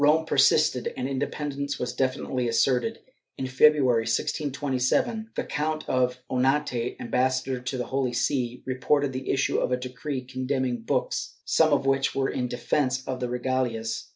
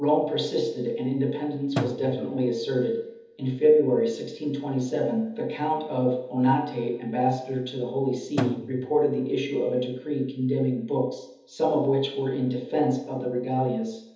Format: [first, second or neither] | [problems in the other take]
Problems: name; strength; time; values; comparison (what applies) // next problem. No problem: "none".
first | background sound (Drum); 11 dB below the speech // room echo; dies away in 1.3 s